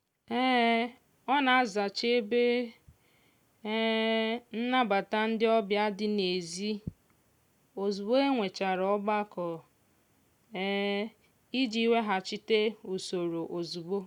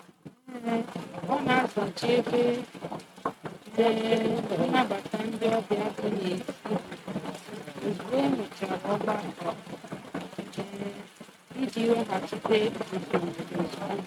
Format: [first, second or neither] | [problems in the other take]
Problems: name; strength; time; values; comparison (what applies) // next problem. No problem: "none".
first | noise reduction (neural mask model RNNoise)